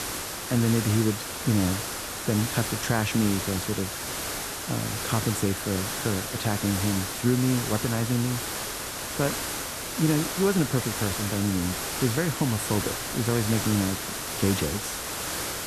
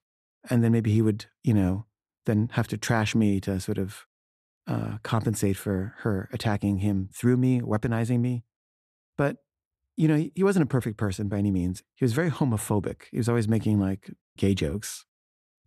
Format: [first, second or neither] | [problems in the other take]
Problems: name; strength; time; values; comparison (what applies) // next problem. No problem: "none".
second | hiss; loud; throughout; 3 dB below the speech